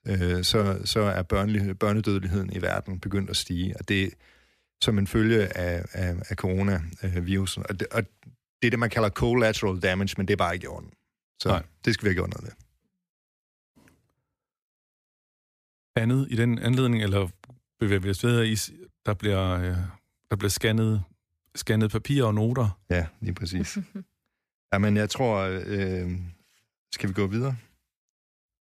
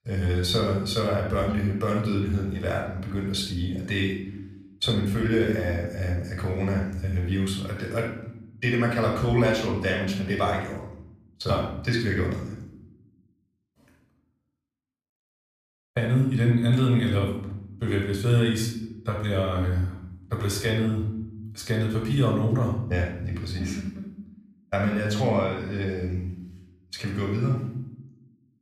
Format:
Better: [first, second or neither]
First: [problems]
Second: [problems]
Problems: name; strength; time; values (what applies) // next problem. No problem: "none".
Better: first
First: none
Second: off-mic speech; somewhat distant // room echo; noticeable; dies away in 0.8 s